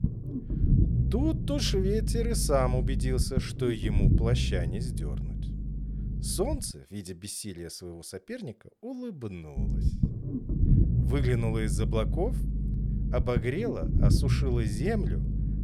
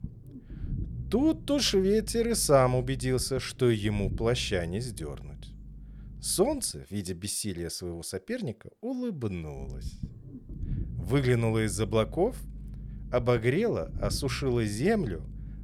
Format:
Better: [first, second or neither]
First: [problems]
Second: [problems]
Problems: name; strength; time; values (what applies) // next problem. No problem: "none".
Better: second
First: low rumble; loud; until 6.5 s and from 9.5 s on; 7 dB below the speech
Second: low rumble; faint; until 6.5 s and from 9.5 s on; 25 dB below the speech